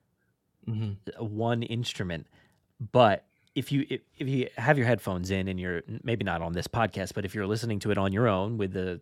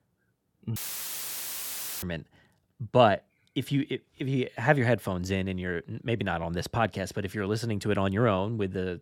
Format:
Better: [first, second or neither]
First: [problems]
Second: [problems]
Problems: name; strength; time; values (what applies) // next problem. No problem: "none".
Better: first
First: none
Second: audio cutting out; filled with static; at 1 s for 1.5 s